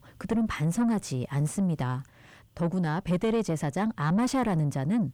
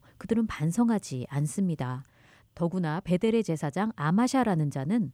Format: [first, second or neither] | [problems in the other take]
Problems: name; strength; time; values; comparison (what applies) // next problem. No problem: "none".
second | distortion; slight; 10 dB below the speech